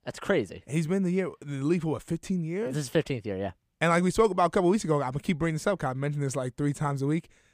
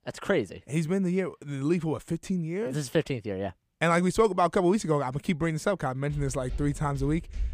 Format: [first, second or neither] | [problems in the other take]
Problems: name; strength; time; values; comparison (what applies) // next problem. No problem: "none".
first | footsteps; noticeable; from 6 s on; peak 9 dB below the speech